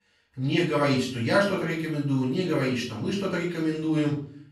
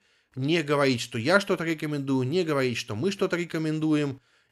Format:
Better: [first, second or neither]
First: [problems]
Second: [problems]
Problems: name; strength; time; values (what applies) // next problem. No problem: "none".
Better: second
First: off-mic speech; far // room echo; noticeable; dies away in 0.5 s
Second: none